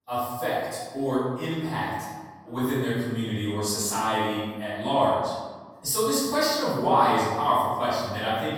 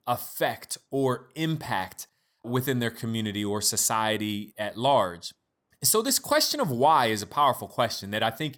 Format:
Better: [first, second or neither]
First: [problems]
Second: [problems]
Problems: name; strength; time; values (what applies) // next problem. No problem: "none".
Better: second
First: room echo; strong; dies away in 1.3 s // off-mic speech; far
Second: none